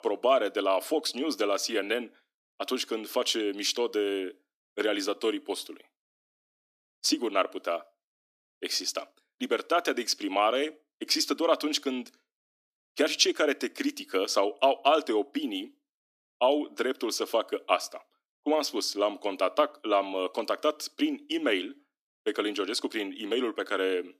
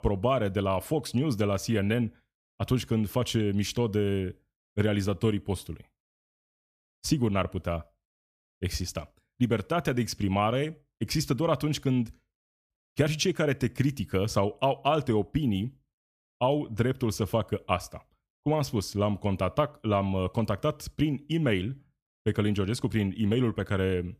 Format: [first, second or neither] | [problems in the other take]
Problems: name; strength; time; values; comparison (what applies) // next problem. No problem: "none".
second | thin; somewhat; fading below 300 Hz